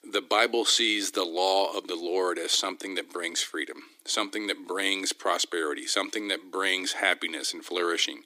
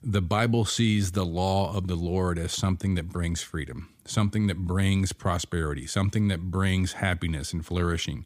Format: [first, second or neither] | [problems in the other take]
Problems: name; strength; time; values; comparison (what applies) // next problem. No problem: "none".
second | thin; very; fading below 300 Hz